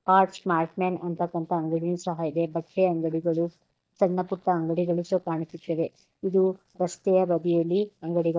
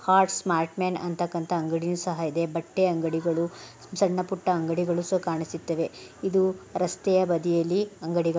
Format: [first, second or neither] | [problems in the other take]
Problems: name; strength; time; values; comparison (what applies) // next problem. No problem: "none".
second | noise reduction (neural mask model DeepFilterNet 3)